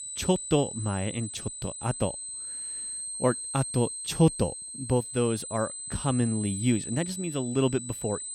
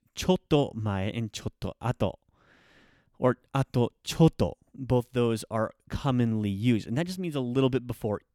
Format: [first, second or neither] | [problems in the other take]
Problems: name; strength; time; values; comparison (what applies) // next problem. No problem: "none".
second | high-pitched whine; loud; throughout; 8.5 kHz, 6 dB below the speech